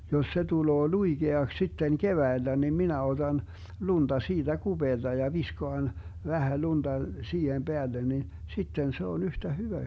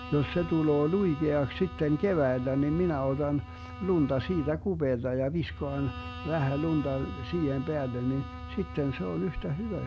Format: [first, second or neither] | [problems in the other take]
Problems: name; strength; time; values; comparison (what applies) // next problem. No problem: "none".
first | background sound (Bowed string instrument); 16 dB below the speech